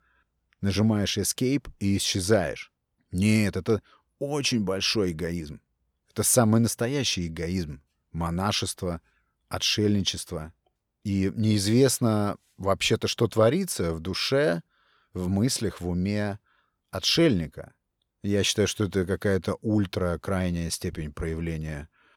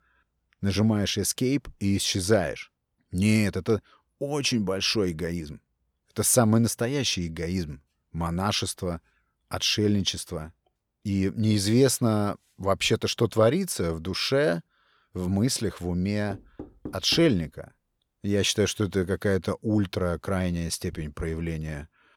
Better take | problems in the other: first | door banging; faint; at 16 s; peak 15 dB below the speech

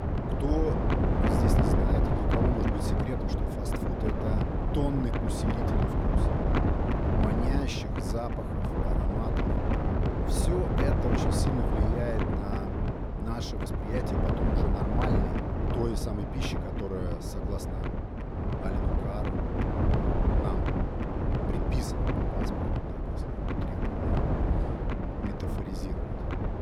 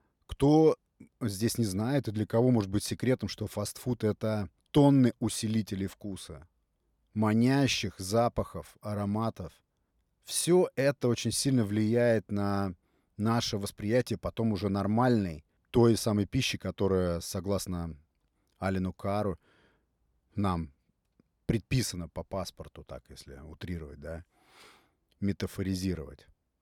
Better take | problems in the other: second | wind noise on the microphone; heavy; 5 dB above the speech

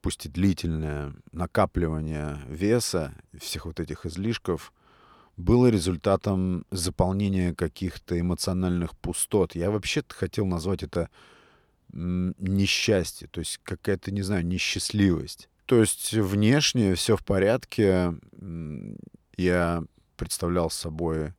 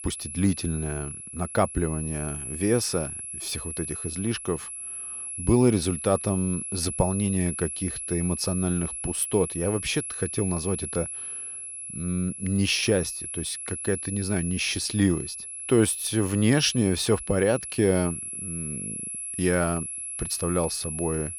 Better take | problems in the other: first | high-pitched whine; loud; throughout; 11 kHz, 6 dB below the speech

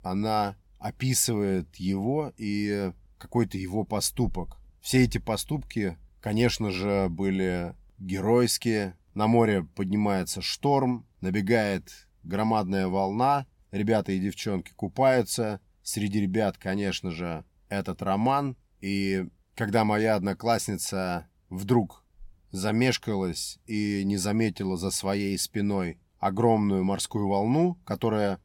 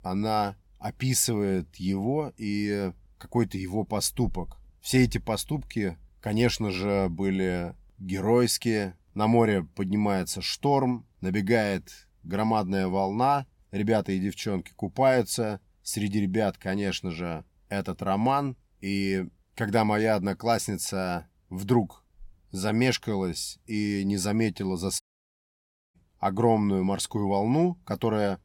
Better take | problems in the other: first | audio cutting out; at 25 s for 1 s

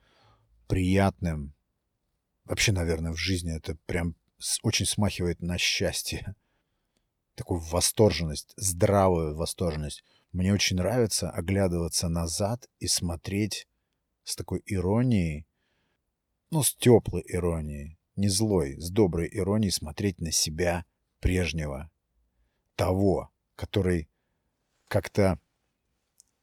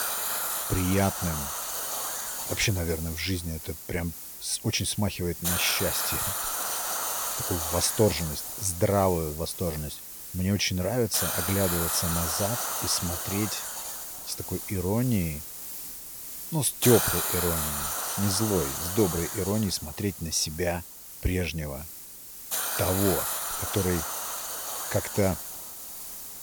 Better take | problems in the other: first | hiss; loud; throughout; 2 dB below the speech

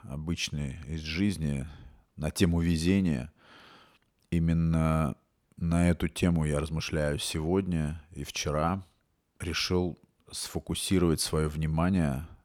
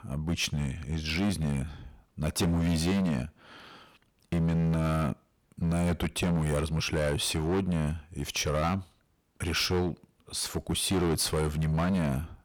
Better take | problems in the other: first | distortion; heavy; 16% of the sound clipped

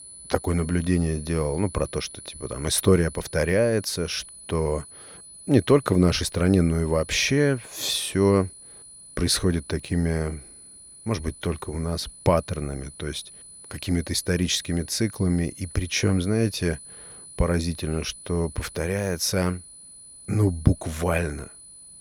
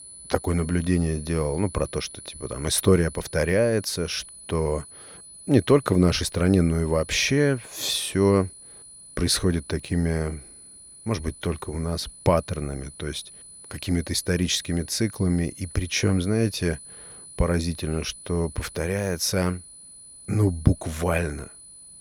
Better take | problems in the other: neither | high-pitched whine; noticeable; throughout; 10 kHz, 15 dB below the speech; the same in both

